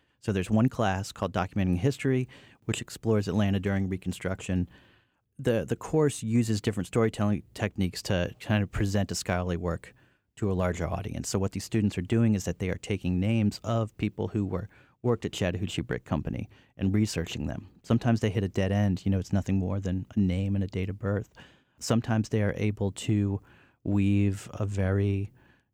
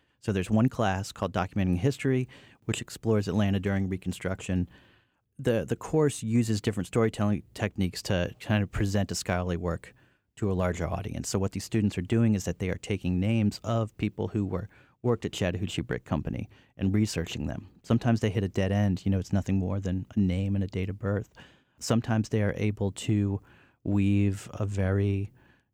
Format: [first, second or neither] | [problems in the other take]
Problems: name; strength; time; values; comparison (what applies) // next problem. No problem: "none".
neither | none